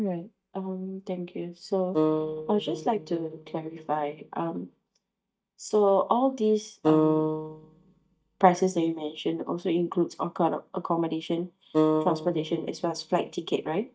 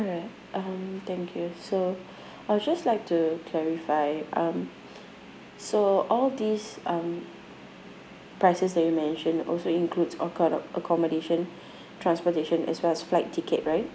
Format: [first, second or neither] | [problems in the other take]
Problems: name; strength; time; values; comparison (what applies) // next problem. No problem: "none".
second | noise reduction (neural mask model DeepFilterNet 3)